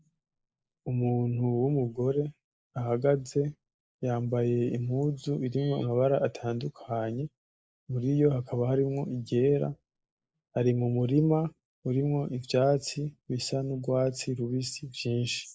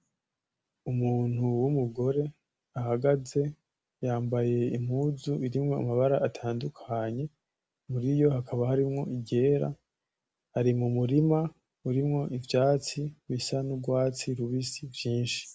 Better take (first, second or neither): second